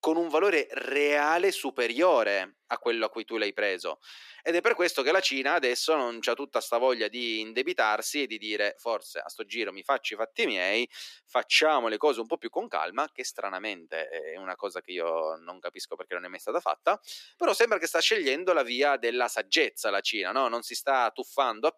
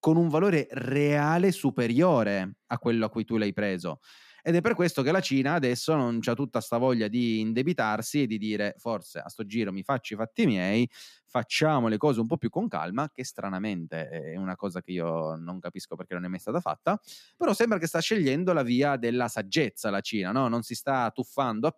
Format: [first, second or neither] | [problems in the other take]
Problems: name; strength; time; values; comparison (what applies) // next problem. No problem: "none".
second | thin; very; fading below 350 Hz